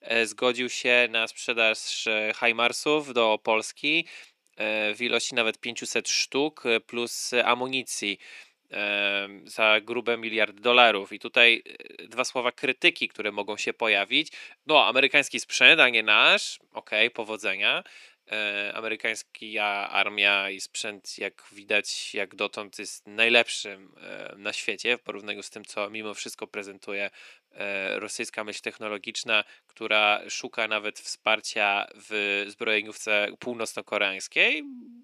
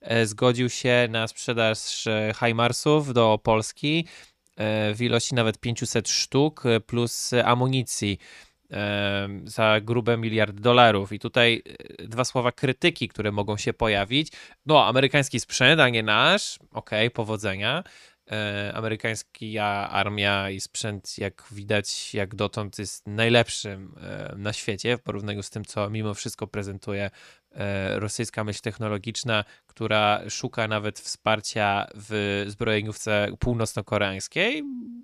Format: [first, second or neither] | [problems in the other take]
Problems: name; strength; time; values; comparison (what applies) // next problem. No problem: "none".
second | thin; somewhat; fading below 300 Hz